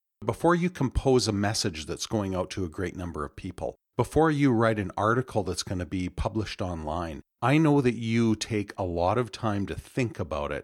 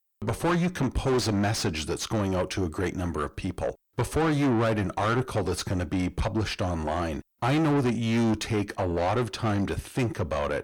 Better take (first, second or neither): first